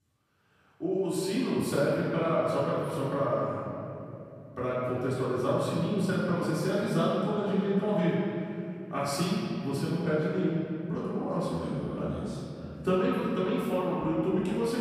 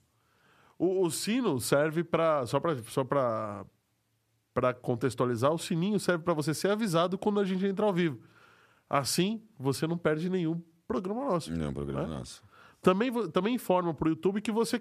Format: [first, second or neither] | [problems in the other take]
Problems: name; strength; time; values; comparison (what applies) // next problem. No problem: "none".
second | off-mic speech; far // room echo; strong; dies away in 3 s